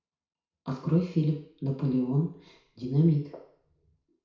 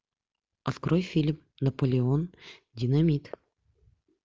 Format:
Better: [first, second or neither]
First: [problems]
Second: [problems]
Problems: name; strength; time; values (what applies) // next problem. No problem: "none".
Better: second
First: room echo; dies away in 0.6 s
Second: none